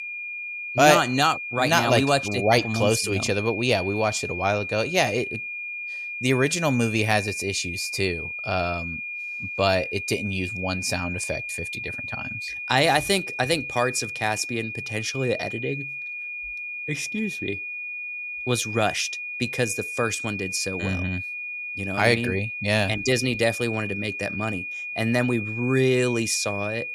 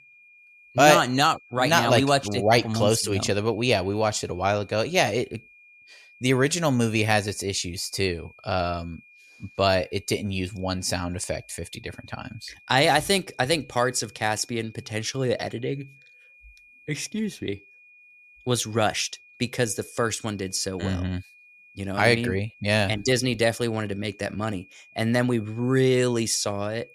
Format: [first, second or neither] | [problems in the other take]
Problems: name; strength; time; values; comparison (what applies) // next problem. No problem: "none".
second | high-pitched whine; loud; throughout; 2.5 kHz, 6 dB below the speech; faint in the second